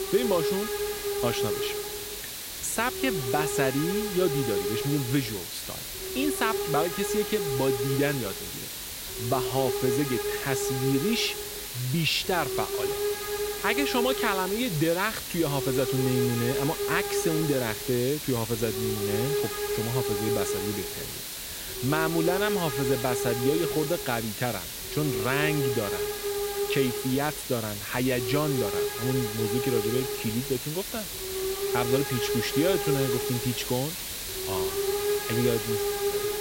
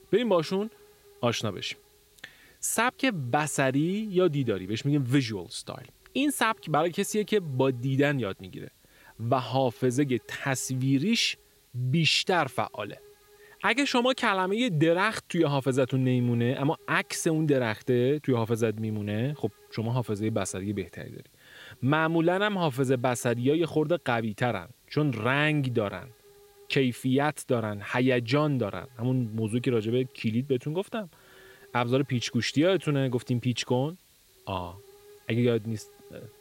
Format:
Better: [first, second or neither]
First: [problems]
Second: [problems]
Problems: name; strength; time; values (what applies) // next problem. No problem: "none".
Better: second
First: hiss; loud; throughout; 1 dB below the speech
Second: hiss; faint; throughout; 30 dB below the speech